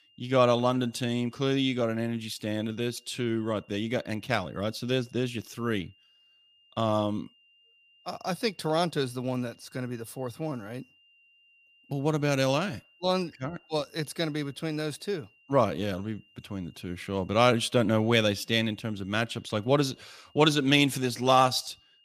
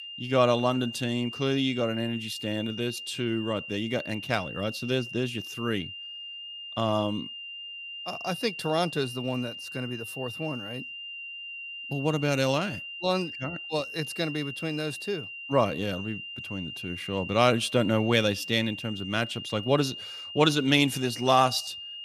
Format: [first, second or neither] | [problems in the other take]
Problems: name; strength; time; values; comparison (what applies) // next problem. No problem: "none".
first | high-pitched whine; loud; throughout; 3 kHz, 9 dB below the speech; faint in the first